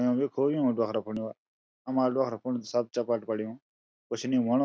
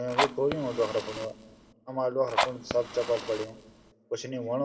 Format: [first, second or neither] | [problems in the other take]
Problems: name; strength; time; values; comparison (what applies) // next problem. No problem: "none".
first | background sound (Fire); 3 dB below the speech // room echo; dies away in 1.7 s